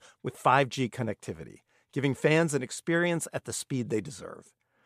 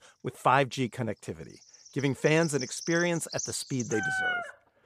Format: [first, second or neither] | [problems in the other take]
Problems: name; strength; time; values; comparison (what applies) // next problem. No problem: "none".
first | animal sounds; loud; throughout; 6 dB below the speech